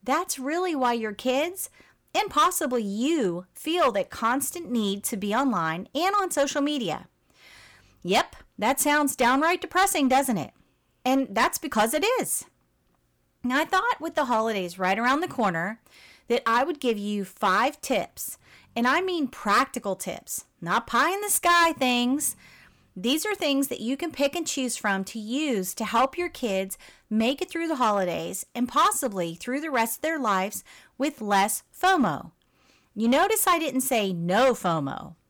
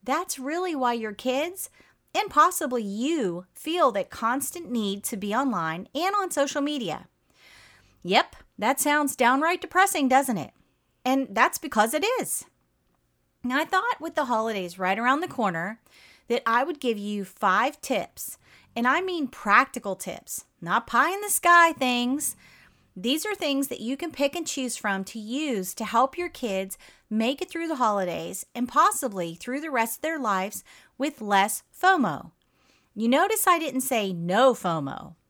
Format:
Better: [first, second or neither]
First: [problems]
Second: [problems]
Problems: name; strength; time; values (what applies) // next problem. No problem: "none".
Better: second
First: distortion; slight; 4% of the sound clipped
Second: none